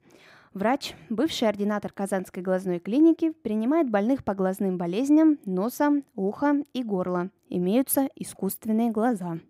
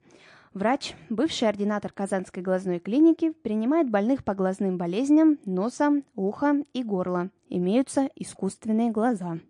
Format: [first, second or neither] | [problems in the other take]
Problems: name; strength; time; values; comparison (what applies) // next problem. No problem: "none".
first | garbled, watery; slightly; nothing above 10 kHz